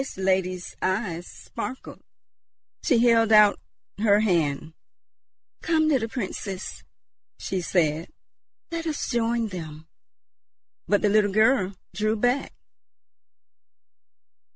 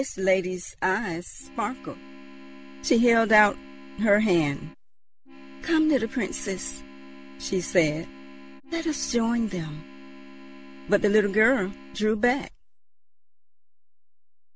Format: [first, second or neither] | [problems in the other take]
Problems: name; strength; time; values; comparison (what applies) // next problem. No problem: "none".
first | background sound (Organ); 18 dB below the speech